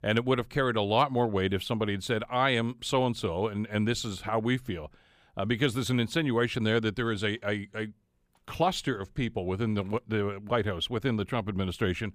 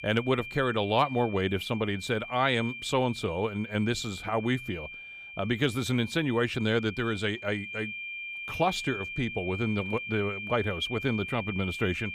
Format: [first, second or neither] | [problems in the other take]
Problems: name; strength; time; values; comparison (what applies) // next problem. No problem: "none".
first | high-pitched whine; loud; throughout; 2.5 kHz, 9 dB below the speech